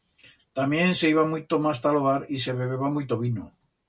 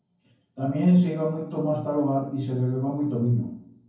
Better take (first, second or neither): first